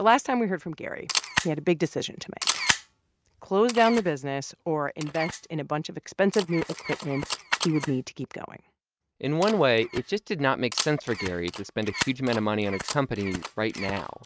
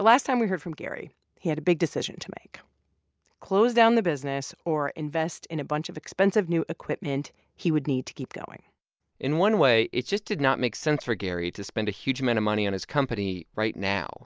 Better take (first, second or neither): second